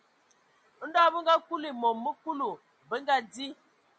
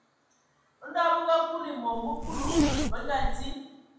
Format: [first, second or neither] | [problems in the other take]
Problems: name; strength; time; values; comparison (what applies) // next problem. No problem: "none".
first | background sound (Zipper (clothing)); 3 dB above the speech // room echo; dies away in 1.2 s